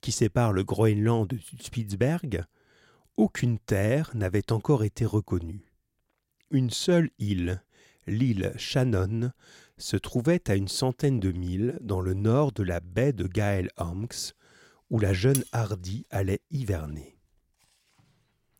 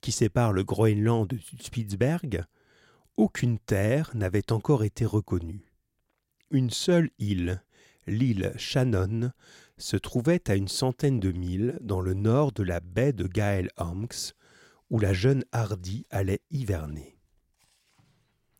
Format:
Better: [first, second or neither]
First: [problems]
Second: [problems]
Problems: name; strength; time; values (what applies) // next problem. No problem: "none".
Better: second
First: clattering dishes; very faint; at 15 s; peak 6 dB below the speech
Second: none